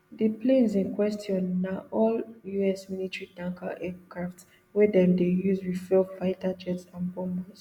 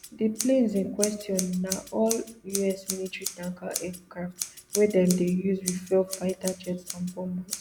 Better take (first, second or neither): first